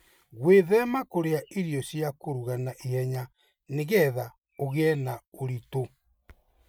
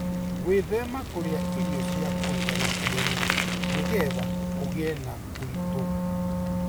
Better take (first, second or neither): first